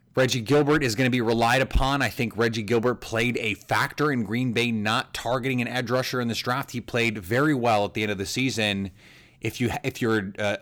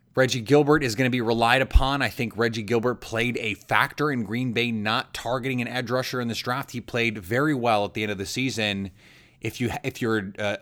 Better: second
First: distortion; slight; 3% of the sound clipped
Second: none

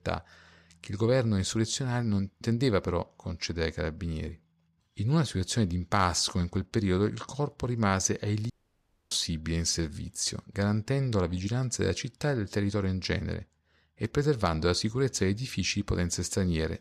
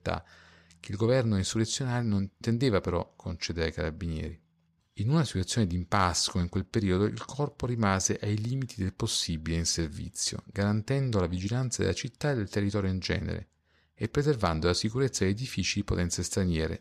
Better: second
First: audio cutting out; at 8.5 s for 0.5 s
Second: none

